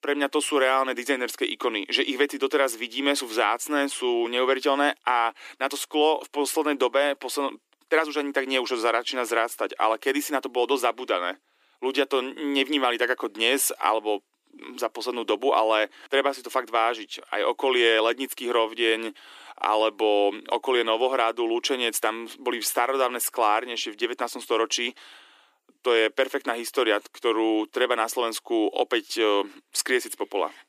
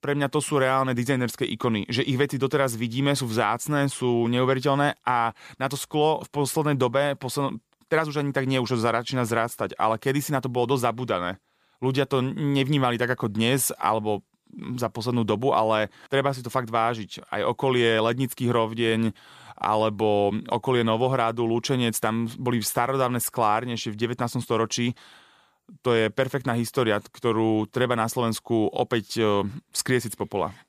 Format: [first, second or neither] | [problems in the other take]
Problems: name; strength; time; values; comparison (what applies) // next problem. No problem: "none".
second | thin; somewhat; fading below 300 Hz